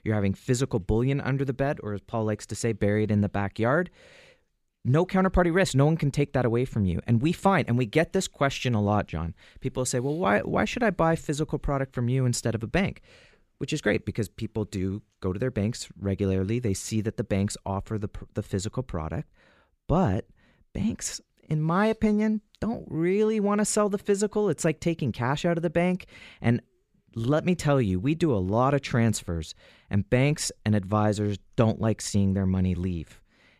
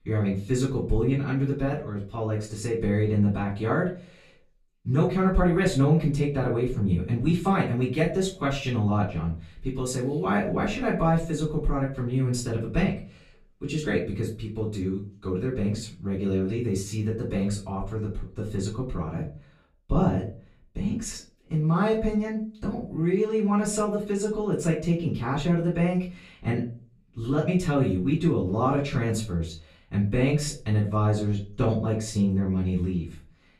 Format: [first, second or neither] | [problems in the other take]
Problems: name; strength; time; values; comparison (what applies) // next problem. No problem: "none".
first | off-mic speech; far // room echo; slight; dies away in 0.3 s